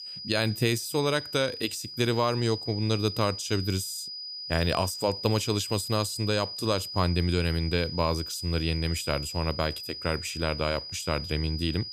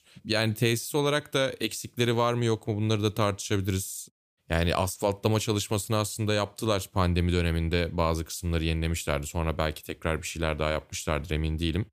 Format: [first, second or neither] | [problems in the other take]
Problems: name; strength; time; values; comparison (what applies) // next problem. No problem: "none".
second | high-pitched whine; loud; throughout; 5 kHz, 7 dB below the speech